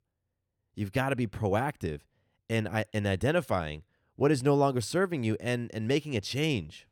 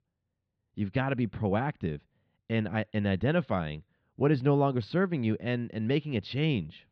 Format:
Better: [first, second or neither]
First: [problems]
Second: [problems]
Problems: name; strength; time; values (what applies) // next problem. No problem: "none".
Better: first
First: none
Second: muffled; slightly; fading above 4 kHz